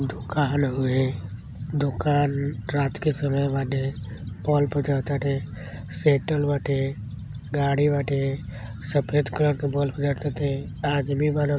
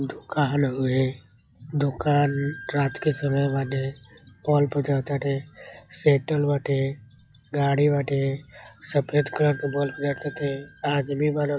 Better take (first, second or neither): first